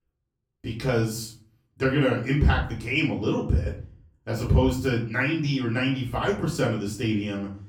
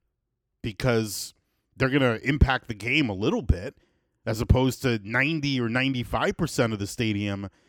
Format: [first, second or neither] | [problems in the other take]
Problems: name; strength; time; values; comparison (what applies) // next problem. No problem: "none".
second | off-mic speech; far // room echo; slight; dies away in 0.4 s